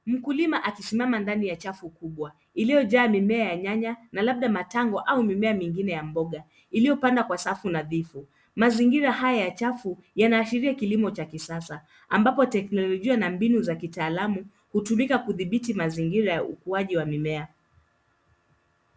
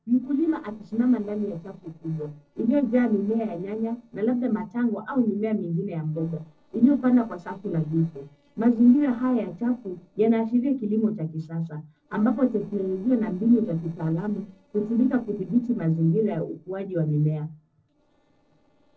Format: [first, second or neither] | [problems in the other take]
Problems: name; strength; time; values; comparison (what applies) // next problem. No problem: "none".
first | noise reduction (neural separator model SepFormer DNS4)